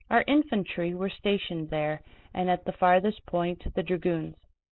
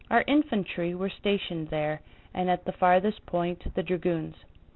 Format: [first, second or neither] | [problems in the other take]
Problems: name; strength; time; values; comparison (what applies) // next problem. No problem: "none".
second | noise reduction (neural mask model Resemble Enhance denoiser)